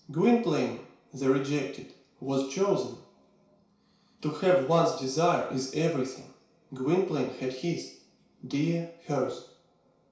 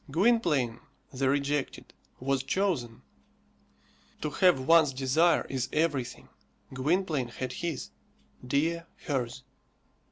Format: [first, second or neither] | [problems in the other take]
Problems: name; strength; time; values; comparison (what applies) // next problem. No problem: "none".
second | room echo; dies away in 0.6 s